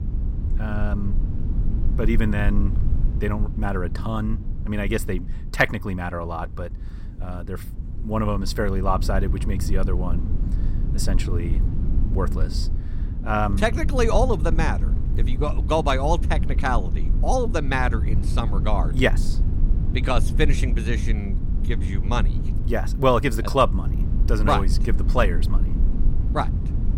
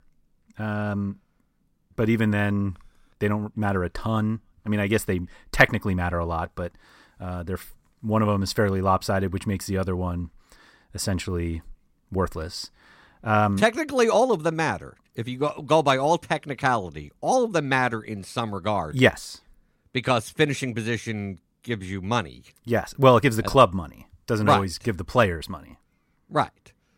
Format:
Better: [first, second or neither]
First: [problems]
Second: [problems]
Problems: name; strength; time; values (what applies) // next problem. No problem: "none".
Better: second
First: low rumble; noticeable; throughout; 15 dB below the speech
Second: none